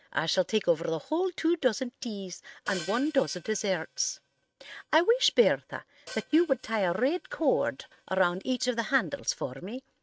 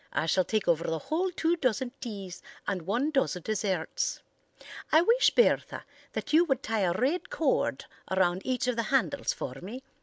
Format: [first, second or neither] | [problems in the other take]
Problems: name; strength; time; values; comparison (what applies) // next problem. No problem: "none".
second | noise reduction (neural mask model RNNoise)